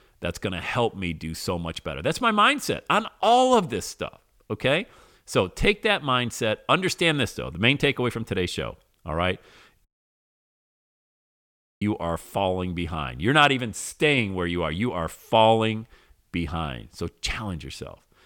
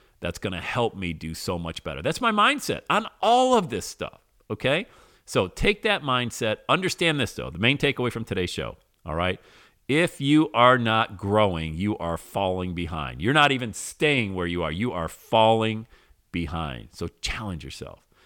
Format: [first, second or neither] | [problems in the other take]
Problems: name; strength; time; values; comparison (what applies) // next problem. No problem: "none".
second | audio cutting out; at 10 s for 2 s